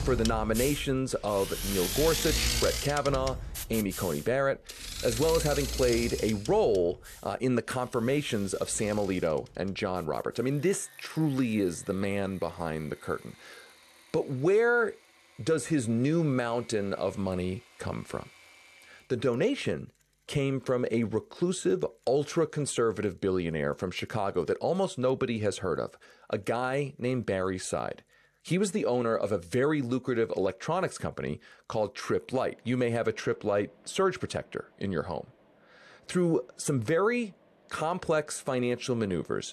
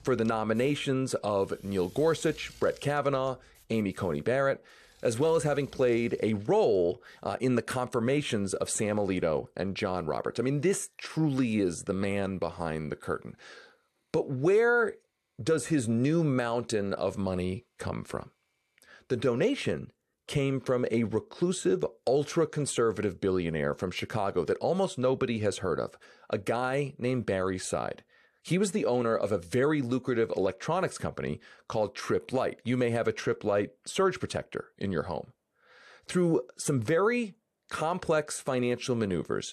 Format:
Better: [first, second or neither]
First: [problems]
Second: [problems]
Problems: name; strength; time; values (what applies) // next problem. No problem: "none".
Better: second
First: machinery noise; loud; throughout; 5 dB below the speech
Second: machinery noise; faint; throughout; 30 dB below the speech